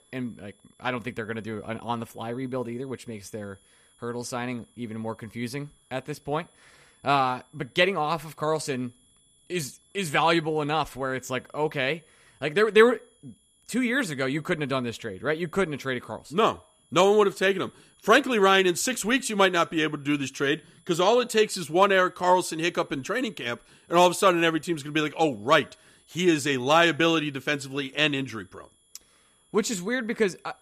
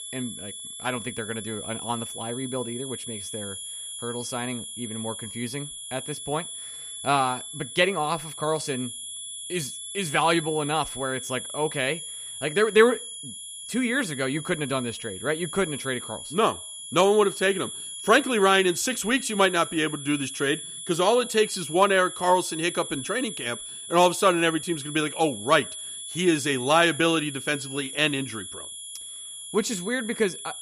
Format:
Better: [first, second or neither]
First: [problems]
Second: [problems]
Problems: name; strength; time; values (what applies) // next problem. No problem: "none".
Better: first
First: high-pitched whine; faint; throughout; 3.5 kHz, 35 dB below the speech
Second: high-pitched whine; loud; throughout; 3.5 kHz, 9 dB below the speech